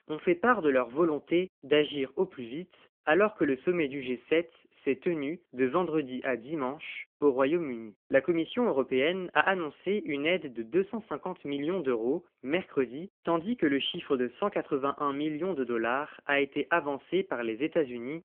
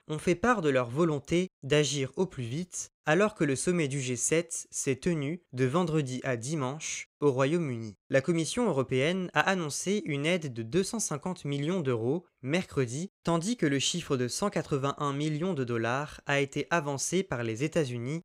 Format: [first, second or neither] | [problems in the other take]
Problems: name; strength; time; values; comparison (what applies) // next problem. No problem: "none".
second | phone-call audio; nothing above 3.5 kHz